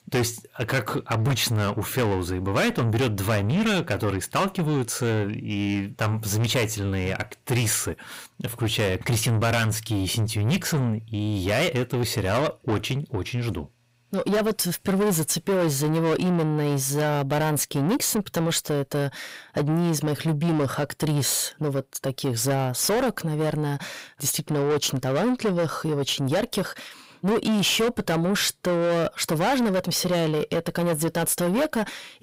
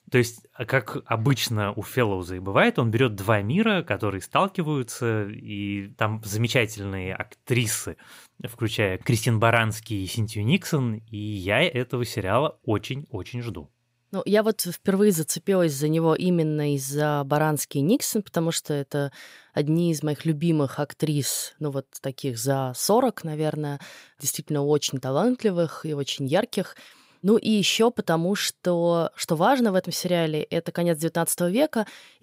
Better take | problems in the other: second | distortion; heavy; 6 dB below the speech

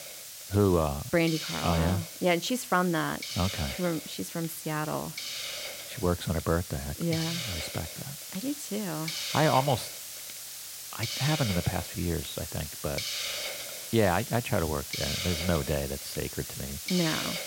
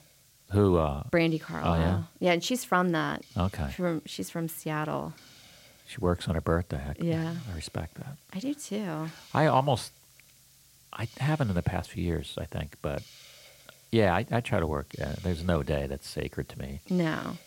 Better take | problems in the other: second | hiss; loud; throughout; 5 dB below the speech; faint in the second

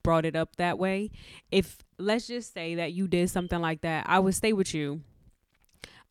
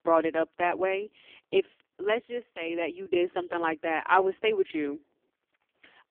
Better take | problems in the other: first | phone-call audio; poor line

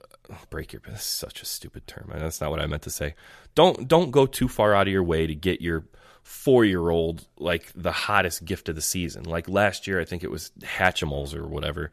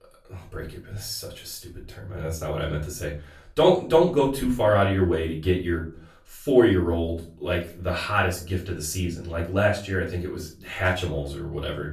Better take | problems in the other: first | off-mic speech; far // room echo; slight; dies away in 0.3 s

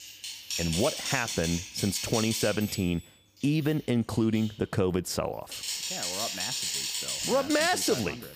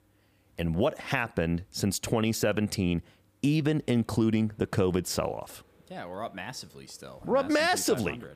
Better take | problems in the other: second | keyboard typing; loud; peak level with the speech

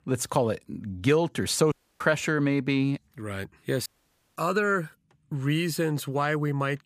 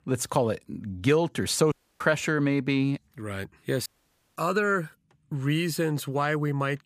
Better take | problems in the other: neither | audio cutting out; at 1.5 s and at 4 s for 0.5 s; the same in both

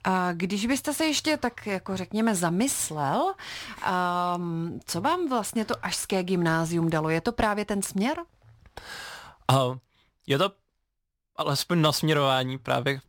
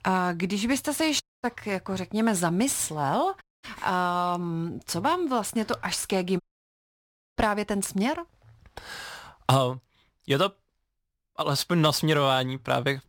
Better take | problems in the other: first | audio cutting out; at 1 s, at 3.5 s and at 6.5 s for 1 s

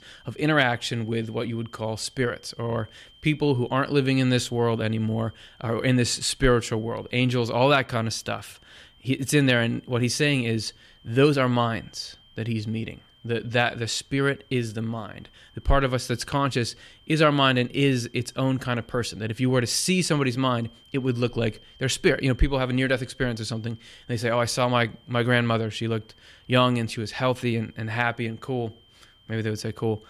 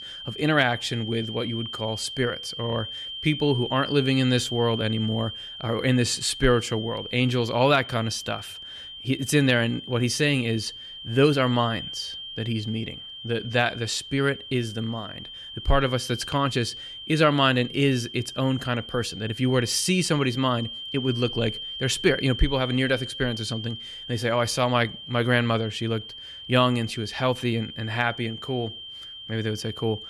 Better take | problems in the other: first | high-pitched whine; loud; throughout; 3 kHz, 10 dB below the speech; faint in the first

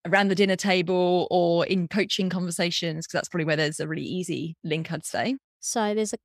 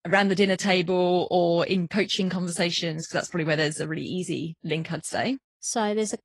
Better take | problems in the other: first | garbled, watery; slightly

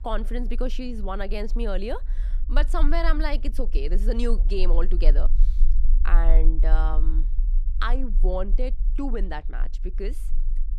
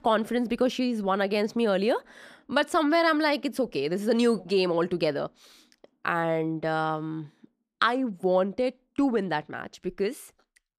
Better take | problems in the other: second | low rumble; faint; throughout; 20 dB below the speech

